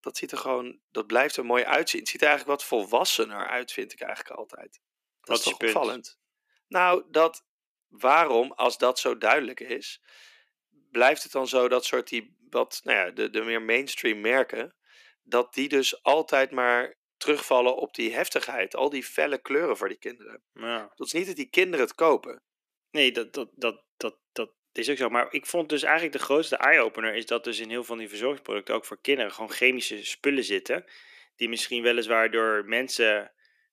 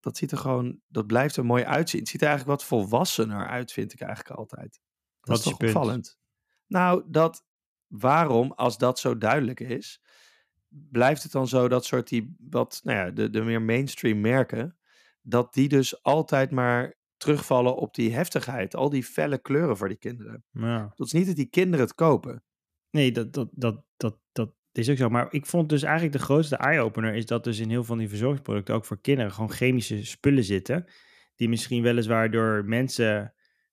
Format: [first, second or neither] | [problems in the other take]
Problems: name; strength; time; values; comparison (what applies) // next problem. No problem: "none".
second | thin; somewhat; fading below 350 Hz